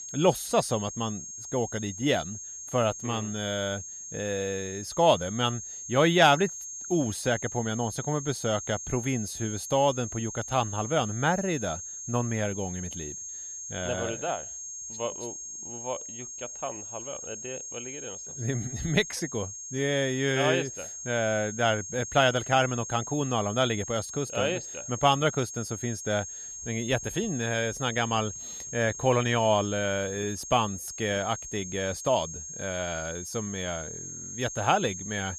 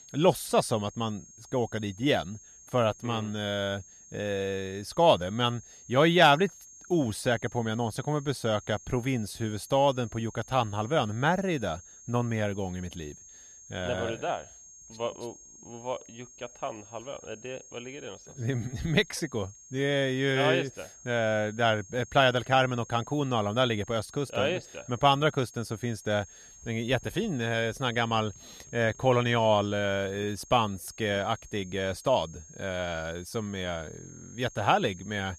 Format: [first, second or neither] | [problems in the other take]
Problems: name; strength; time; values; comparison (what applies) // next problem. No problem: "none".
second | high-pitched whine; loud; throughout; 6.5 kHz, 8 dB below the speech; faint in the second